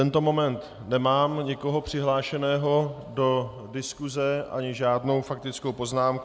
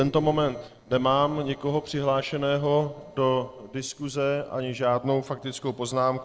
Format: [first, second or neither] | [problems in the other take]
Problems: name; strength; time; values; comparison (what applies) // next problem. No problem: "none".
first | noise reduction (neural separator model SepFormer DNS4)